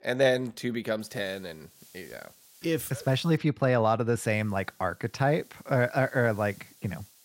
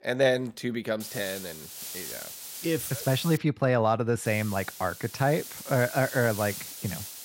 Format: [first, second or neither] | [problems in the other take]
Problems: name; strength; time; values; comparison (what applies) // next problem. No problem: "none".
first | hiss; loud; from 1 to 3.5 s and from 4.5 s on; 10 dB below the speech; faint in the first